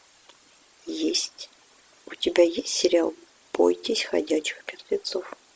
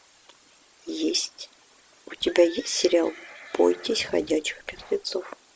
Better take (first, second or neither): first